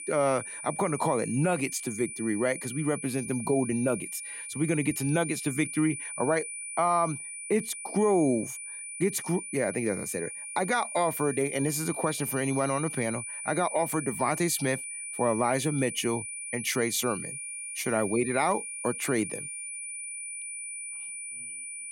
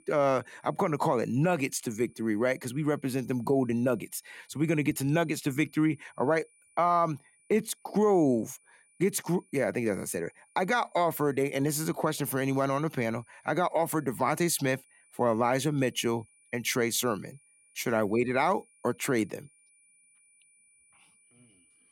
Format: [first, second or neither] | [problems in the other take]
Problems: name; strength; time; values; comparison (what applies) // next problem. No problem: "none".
second | high-pitched whine; loud; throughout; 9.5 kHz, 7 dB below the speech; faint in the second